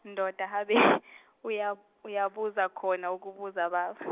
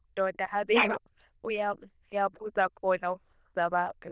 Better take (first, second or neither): first